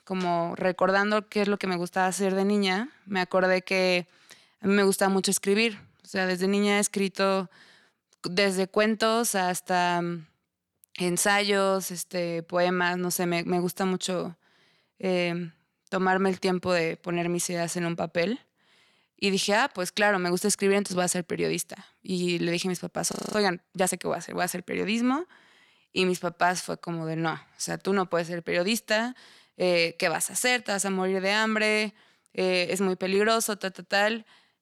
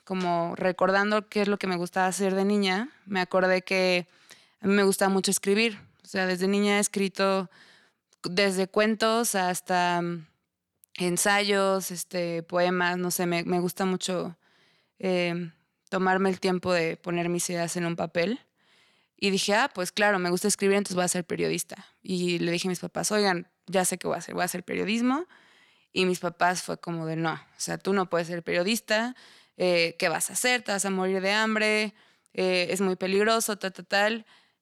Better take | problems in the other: second | audio freezing; at 23 s

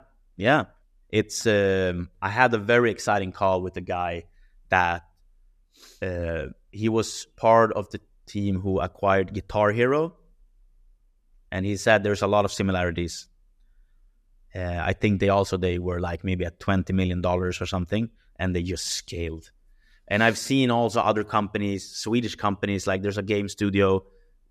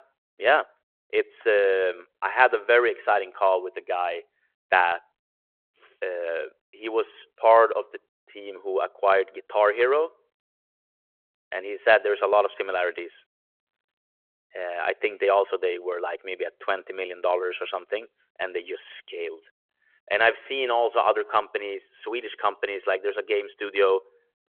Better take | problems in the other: first | phone-call audio

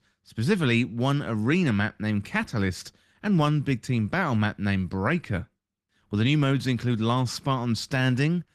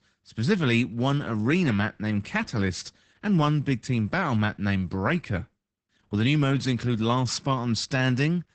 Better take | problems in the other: first | garbled, watery; badly; nothing above 8 kHz; slightly in the first

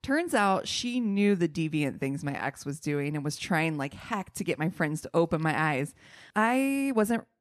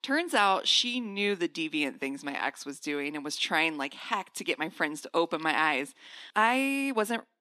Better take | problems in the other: first | thin; very slightly; fading below 250 Hz

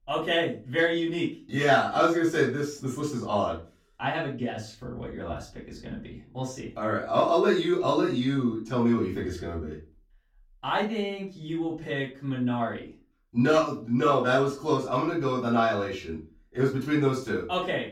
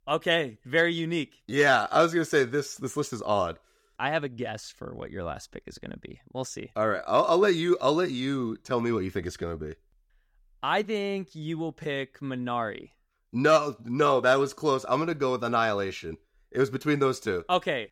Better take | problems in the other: second | off-mic speech; far // room echo; slight; dies away in 0.3 s

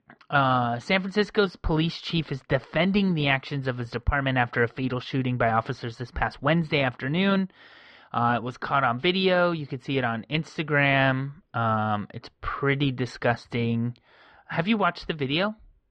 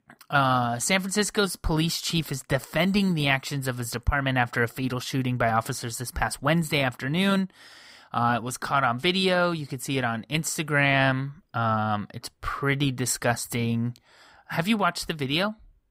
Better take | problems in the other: second | muffled; slightly; fading above 4 kHz

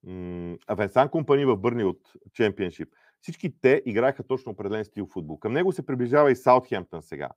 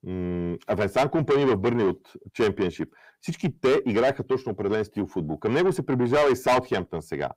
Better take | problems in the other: first | distortion; heavy; 6 dB below the speech

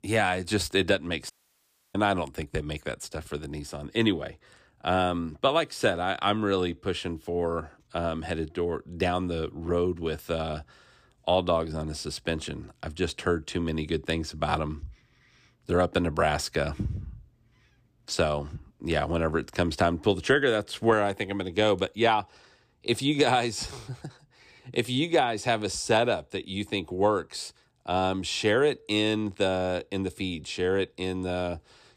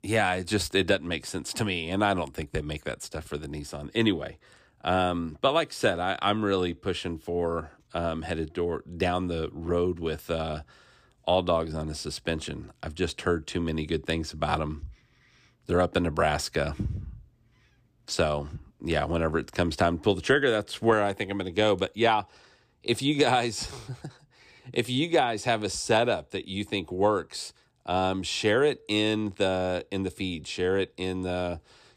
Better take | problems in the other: second | audio cutting out; at 1.5 s for 0.5 s

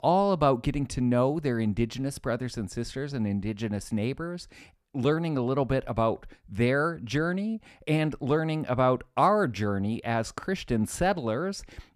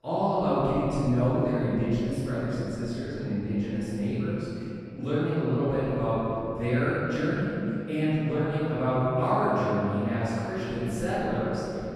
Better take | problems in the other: first | off-mic speech; far // room echo; strong; dies away in 2.7 s

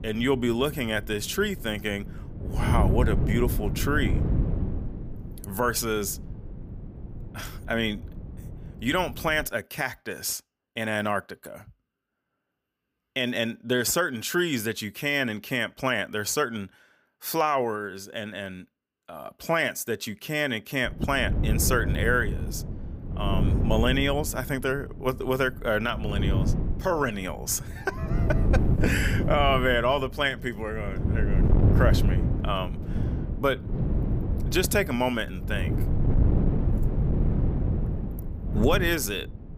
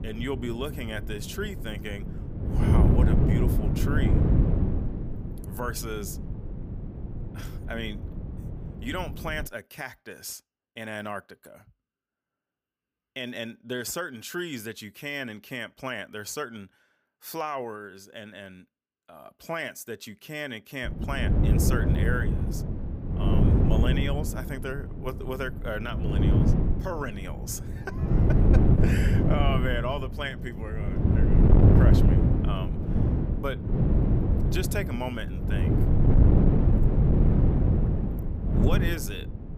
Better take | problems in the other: first | wind noise on the microphone; heavy; until 9.5 s and from 21 s on; 1 dB above the speech; occasional gusts in the first

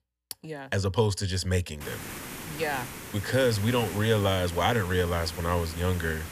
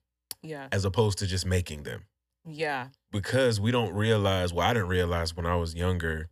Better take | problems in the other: second | hiss; noticeable; from 2 s on; 10 dB below the speech

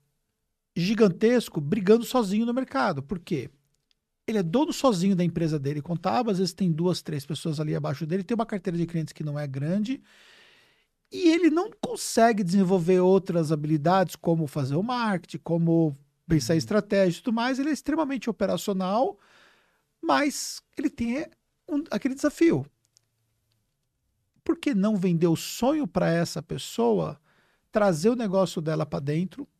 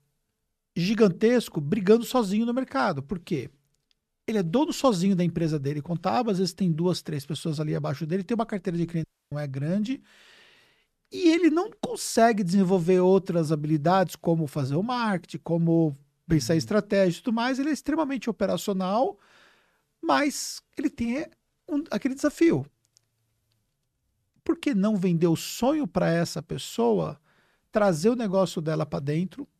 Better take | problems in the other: first | audio cutting out; at 9 s

